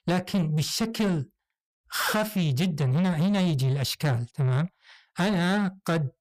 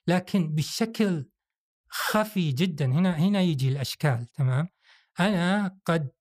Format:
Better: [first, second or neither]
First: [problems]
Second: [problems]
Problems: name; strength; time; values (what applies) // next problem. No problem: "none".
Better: second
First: distortion; slight; 10 dB below the speech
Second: none